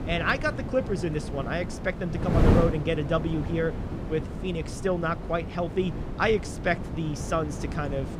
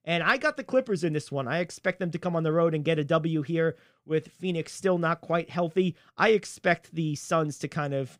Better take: second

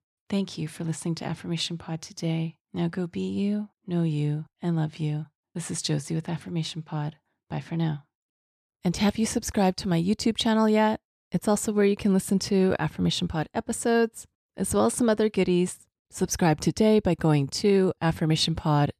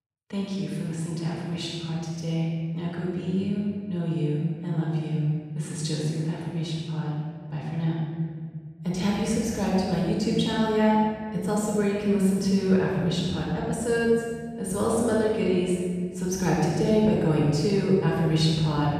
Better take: first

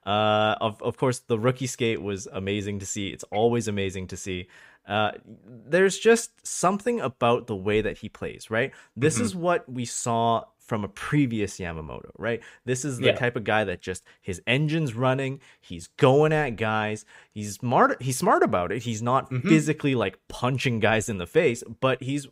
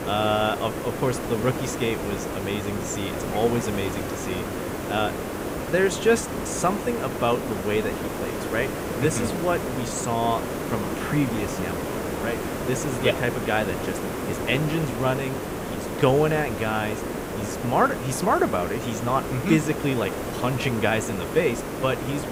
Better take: first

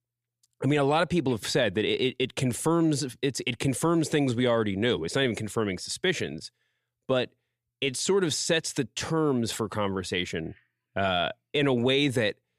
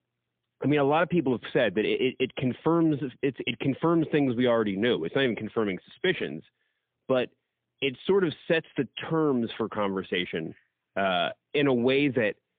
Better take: first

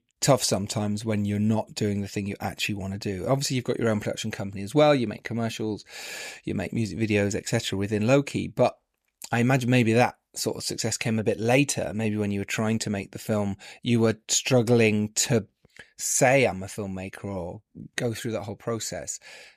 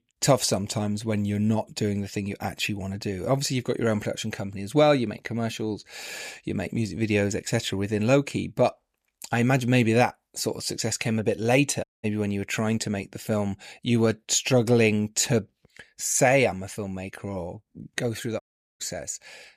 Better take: first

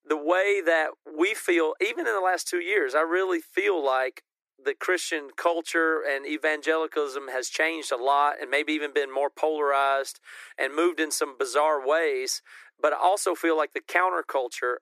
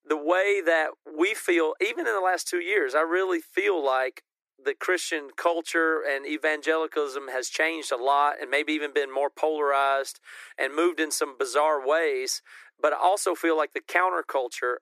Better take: neither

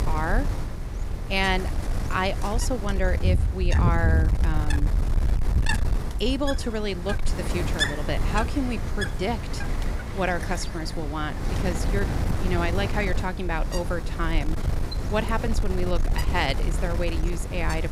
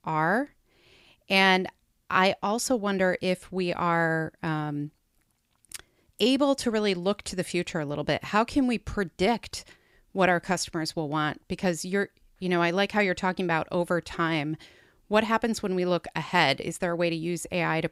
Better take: second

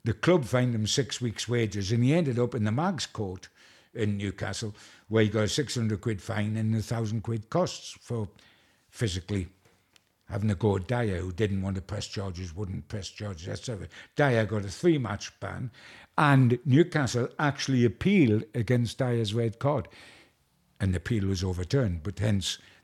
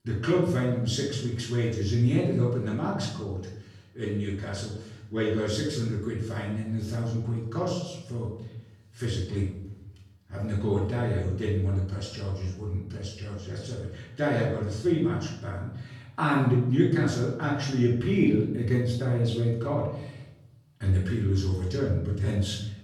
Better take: first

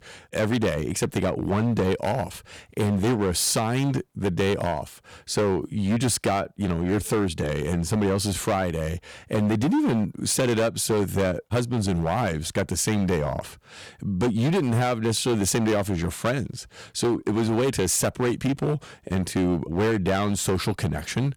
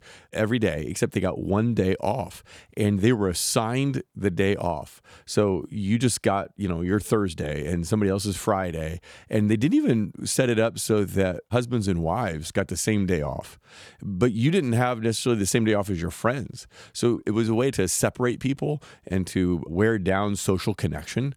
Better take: second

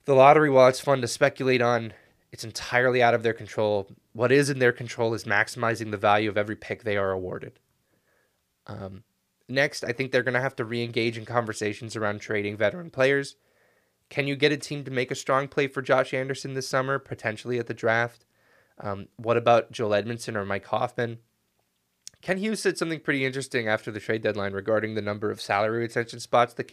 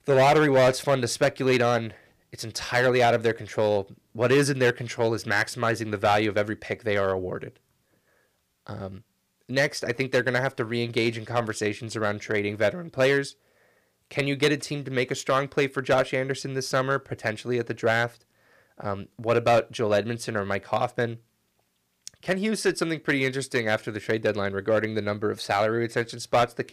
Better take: first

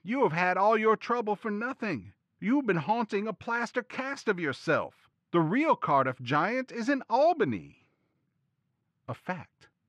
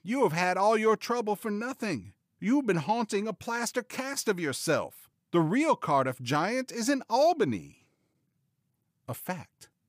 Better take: second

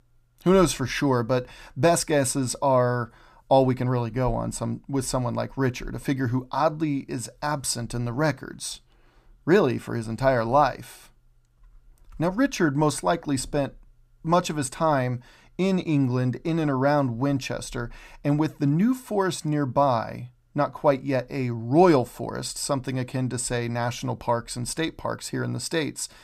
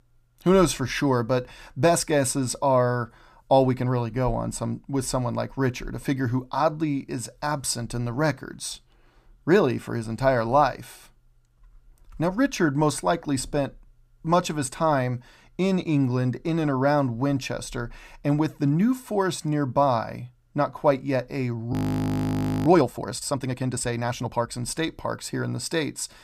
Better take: first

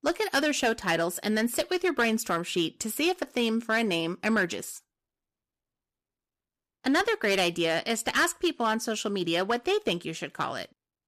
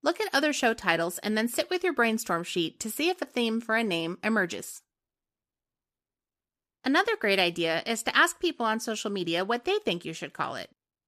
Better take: second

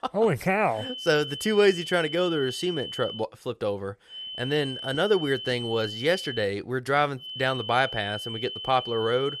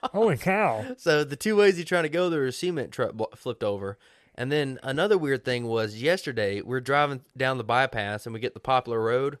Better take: second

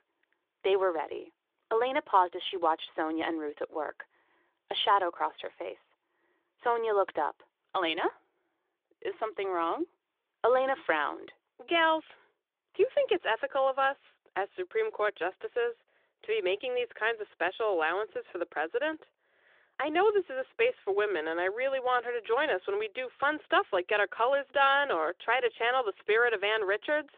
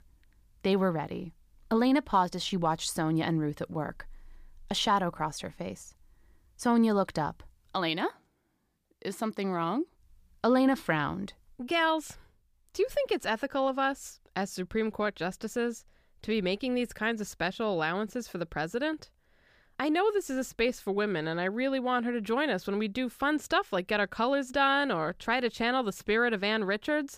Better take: second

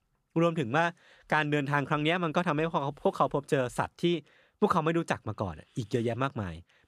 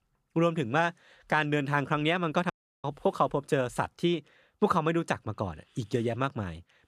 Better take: first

